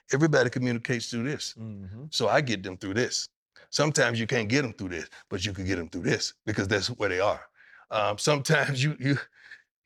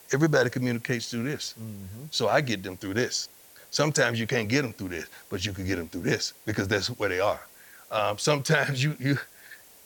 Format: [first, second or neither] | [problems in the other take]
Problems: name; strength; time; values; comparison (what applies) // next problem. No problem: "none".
first | hiss; faint; throughout; 20 dB below the speech